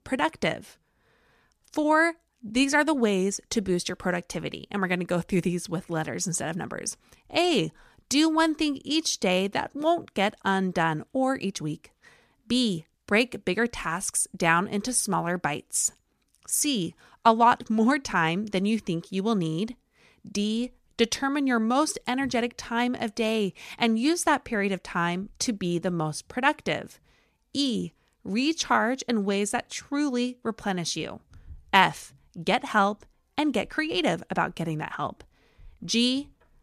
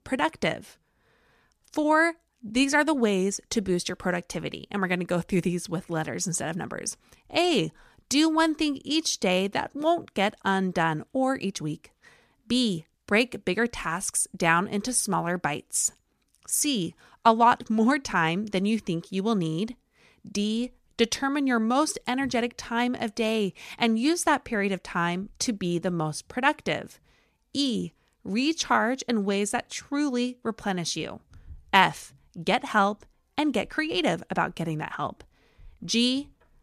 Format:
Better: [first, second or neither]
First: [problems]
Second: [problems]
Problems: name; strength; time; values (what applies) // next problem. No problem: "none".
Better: neither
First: none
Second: none